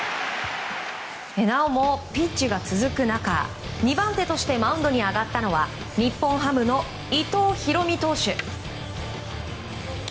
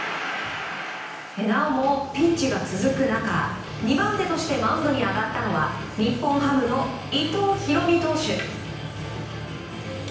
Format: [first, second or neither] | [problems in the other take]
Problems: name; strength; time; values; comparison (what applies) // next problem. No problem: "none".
first | room echo; dies away in 0.9 s